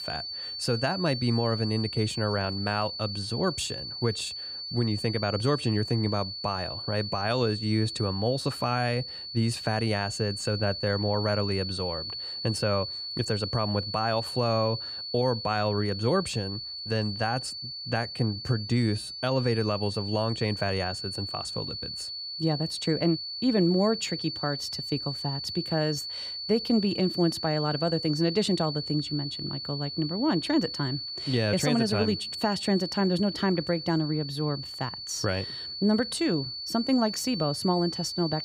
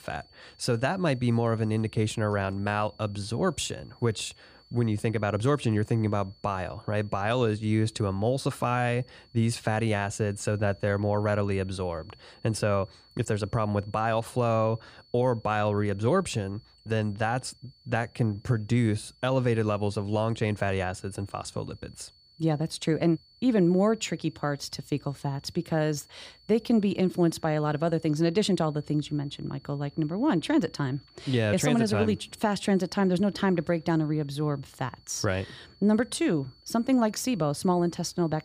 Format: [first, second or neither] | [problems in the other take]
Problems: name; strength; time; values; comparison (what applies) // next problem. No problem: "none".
second | high-pitched whine; loud; throughout; 4.5 kHz, 5 dB below the speech; faint in the second